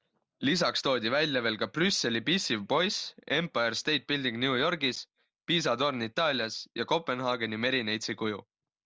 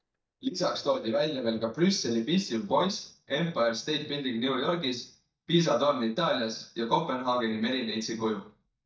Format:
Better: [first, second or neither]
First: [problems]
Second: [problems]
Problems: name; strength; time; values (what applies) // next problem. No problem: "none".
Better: first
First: none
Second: noise reduction (neural mask model DeepFilterNet 3)